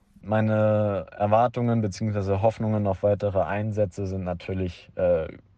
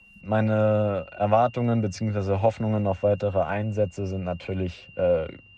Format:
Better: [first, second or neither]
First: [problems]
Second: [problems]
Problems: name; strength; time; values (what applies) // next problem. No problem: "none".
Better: first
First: none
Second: high-pitched whine; faint; throughout; 3 kHz, 25 dB below the speech